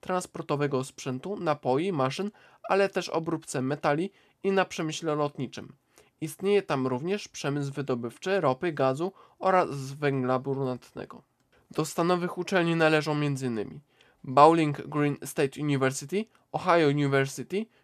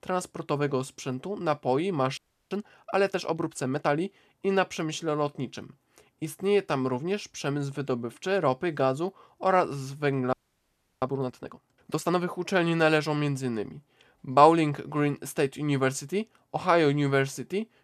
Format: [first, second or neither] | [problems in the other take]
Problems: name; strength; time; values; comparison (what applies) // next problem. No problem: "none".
first | audio freezing; at 2 s and at 10 s for 0.5 s